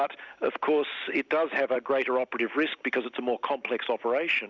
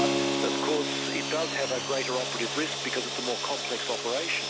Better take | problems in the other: first | background sound (Keyboard (musical) + Sawing); 2 dB above the speech

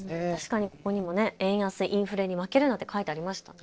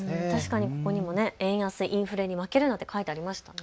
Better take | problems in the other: second | noise reduction (neural separator model SepFormer DNS4)

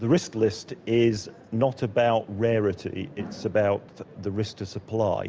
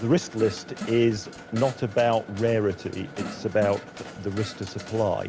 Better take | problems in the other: first | background sound (Mechanisms + Fart); 14 dB below the speech

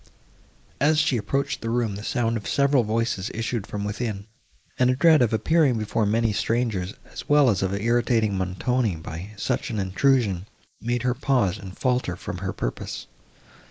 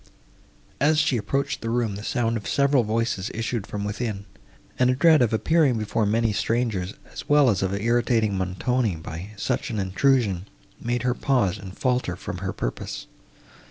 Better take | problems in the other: second | noise reduction (neural mask model Resemble Enhance denoiser)

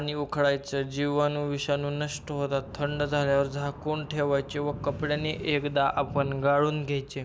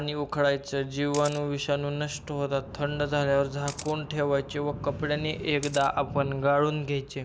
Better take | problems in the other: first | background sound (Camera); 18 dB below the speech

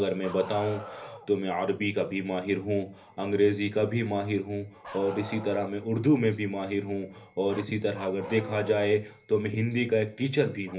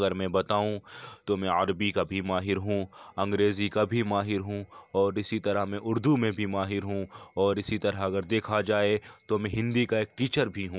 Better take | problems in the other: second | background sound (Bark); 19 dB below the speech // room echo; dies away in 0.3 s

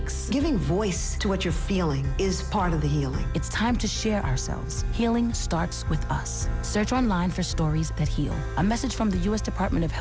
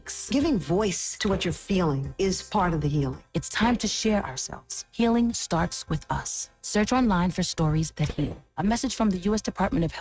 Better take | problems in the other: first | noise reduction (neural mask model RNNoise)

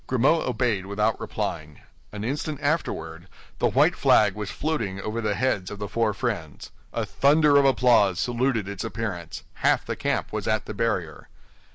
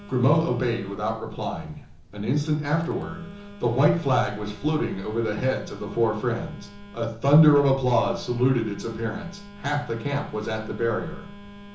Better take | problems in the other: first | background sound (Telephone); 19 dB below the speech // room echo; dies away in 0.7 s

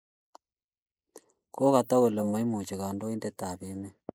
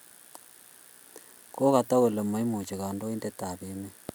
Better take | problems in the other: second | noise reduction (neural mask model Resemble Enhance denoiser)

